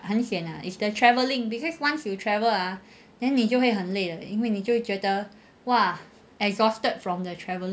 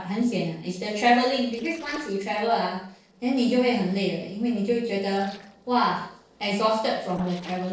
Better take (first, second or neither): first